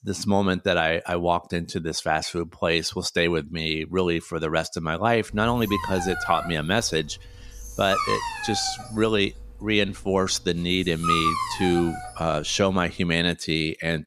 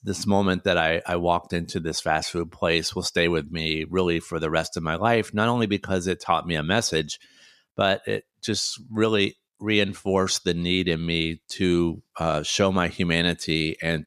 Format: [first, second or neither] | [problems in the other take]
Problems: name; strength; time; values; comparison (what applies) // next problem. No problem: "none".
second | dog barking; loud; from 5.5 to 12 s; peak 2 dB above the speech